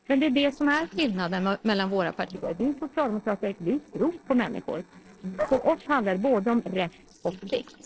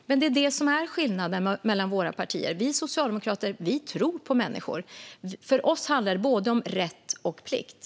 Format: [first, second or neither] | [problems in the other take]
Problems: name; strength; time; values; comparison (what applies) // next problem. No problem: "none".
second | noise reduction (neural separator model SepFormer DNS4)